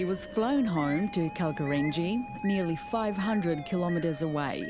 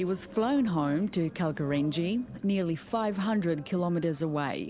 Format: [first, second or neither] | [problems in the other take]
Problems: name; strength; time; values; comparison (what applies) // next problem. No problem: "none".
second | background sound (Bird + Musical instrument); 13 dB below the speech